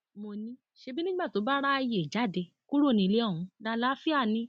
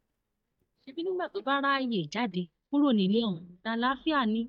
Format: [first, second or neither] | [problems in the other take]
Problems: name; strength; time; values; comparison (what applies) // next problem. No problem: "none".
first | noise reduction (neural mask model DeepFilterNet 3)